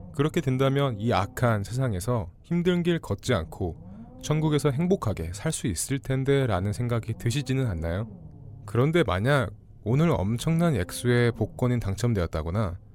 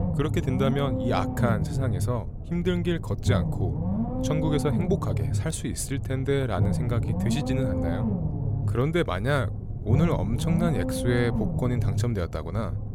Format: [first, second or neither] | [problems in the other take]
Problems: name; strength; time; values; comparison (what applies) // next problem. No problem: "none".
first | low rumble; loud; throughout; 5 dB below the speech; faint in the first